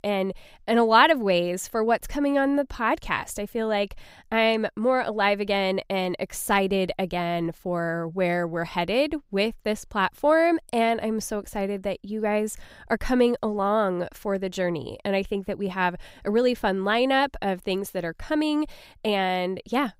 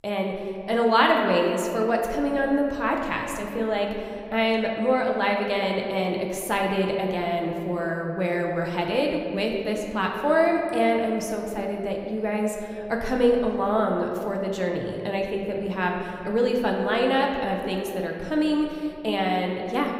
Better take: first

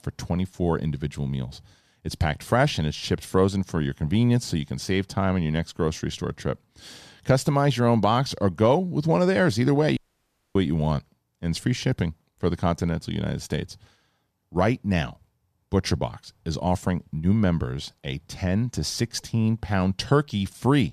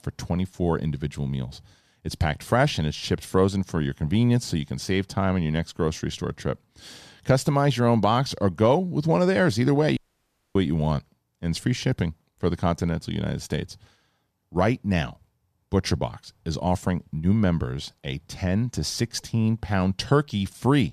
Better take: neither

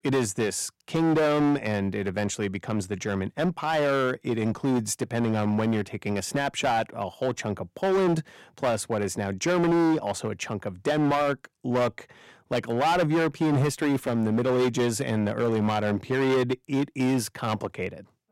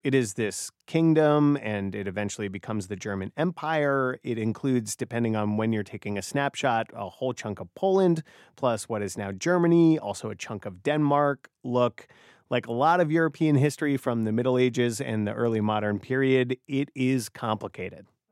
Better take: second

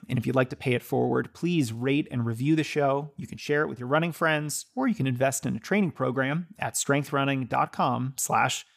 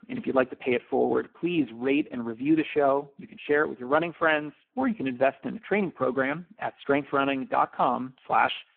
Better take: first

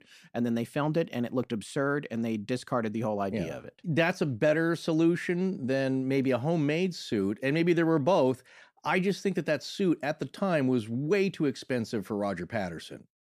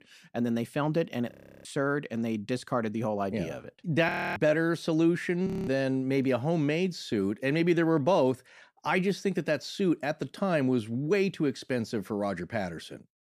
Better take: first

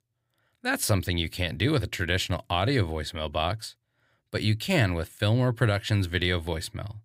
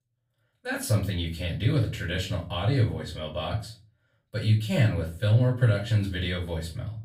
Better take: first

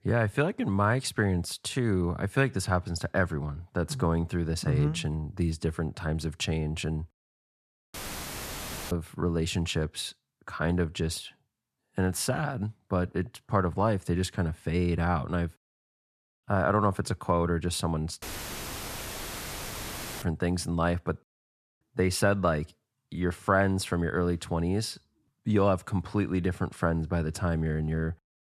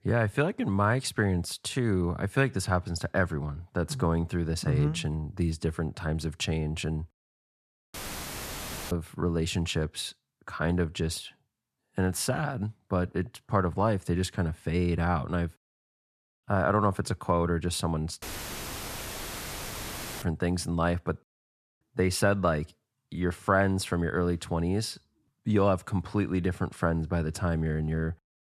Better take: neither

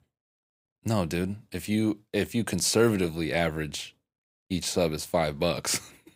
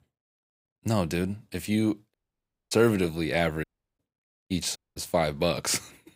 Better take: first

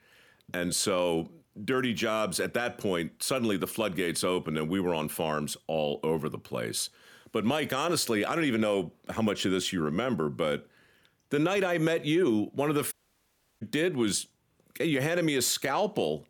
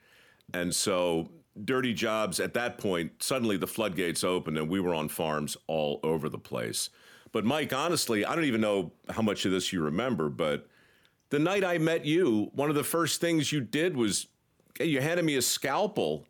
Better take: second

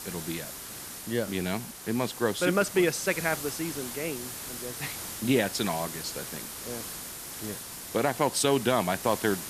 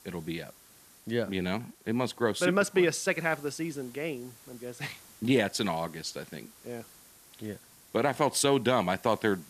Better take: second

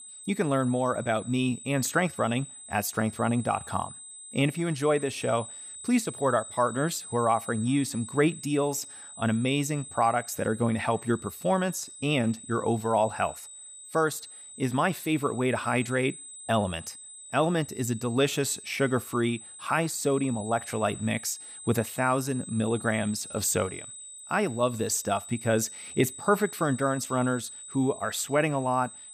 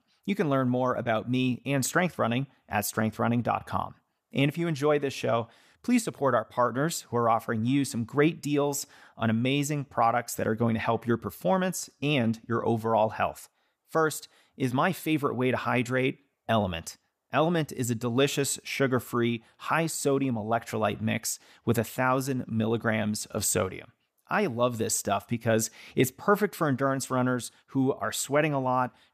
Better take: second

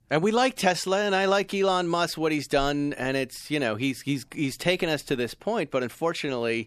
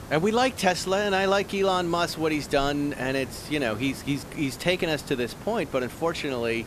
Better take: first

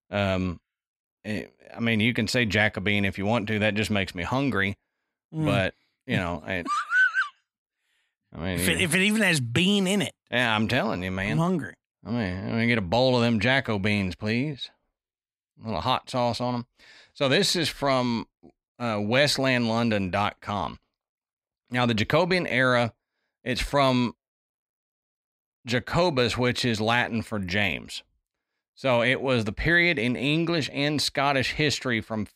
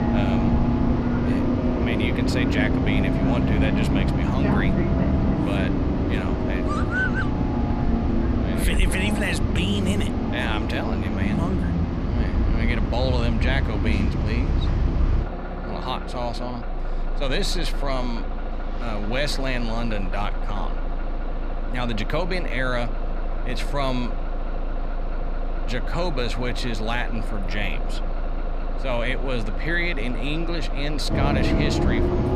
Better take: first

